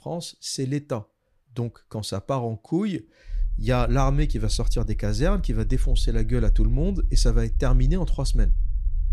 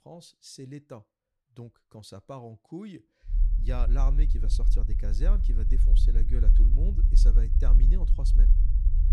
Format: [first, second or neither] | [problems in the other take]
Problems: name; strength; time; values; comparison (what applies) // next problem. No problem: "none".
first | low rumble; loud; from 3.5 s on; 5 dB below the speech; faint in the first